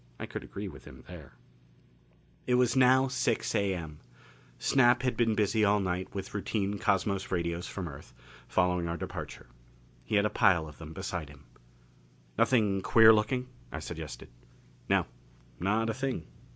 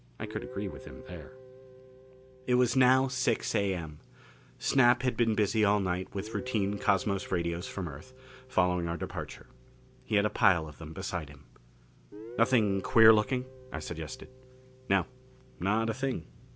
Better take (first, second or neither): first